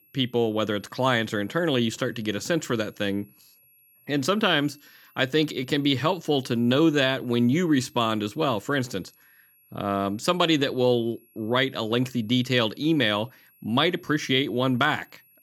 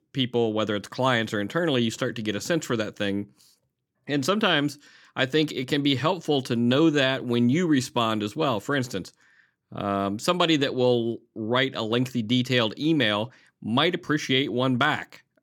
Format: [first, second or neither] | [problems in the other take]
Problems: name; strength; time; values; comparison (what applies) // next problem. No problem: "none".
second | high-pitched whine; faint; throughout; 11.5 kHz, 30 dB below the speech